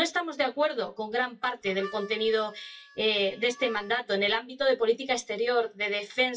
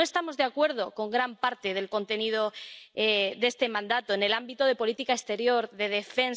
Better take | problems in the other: second | noise reduction (classical method WPE with log-MMSE)

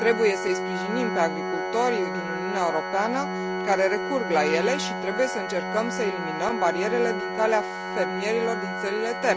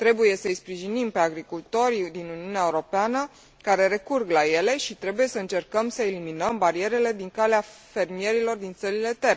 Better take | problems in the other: second | background sound (Organ); 3 dB below the speech

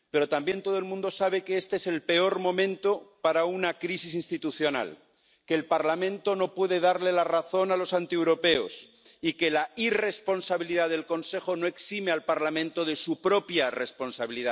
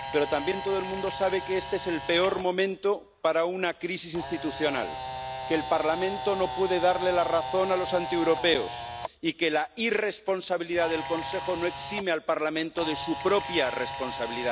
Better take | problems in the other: first | background sound (Camera); 9 dB below the speech

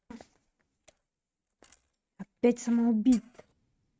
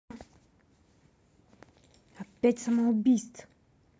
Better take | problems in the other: second | noise reduction (neural mask model RNNoise)

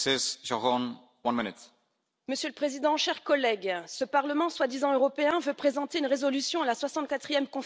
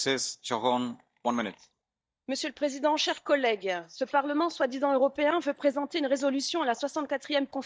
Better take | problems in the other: first | noise reduction (neural mask model DeepFilterNet 3)

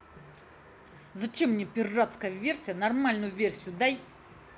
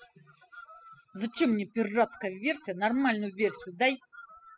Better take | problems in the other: first | noise reduction (classical method spectral subtraction)

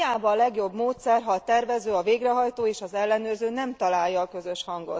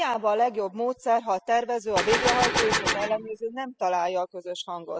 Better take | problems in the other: first | noise reduction (classical method spectral subtraction)

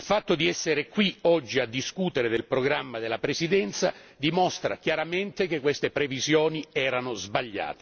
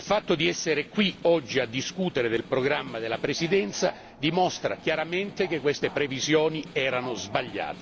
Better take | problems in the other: first | background sound (Snare drum + Subway, metro, underground); 17 dB below the speech

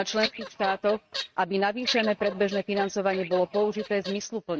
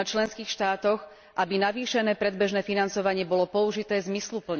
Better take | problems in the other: second | noise reduction (neural mask model RNNoise)

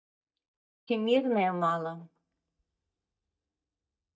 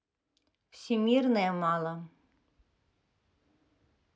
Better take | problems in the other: second | noise reduction (neural mask model DeepFilterNet 3)

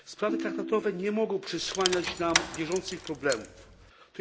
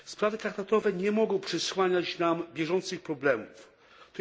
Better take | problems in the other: second | background sound (Rattle / Keys jangling + Ringtone); 4 dB below the speech

